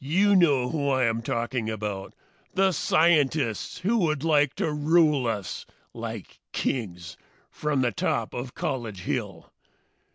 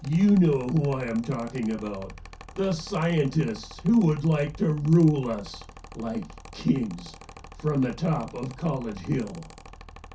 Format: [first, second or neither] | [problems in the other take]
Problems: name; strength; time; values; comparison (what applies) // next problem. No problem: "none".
first | background sound (Mechanical fan); 18 dB below the speech // room echo; dies away in 0.3 s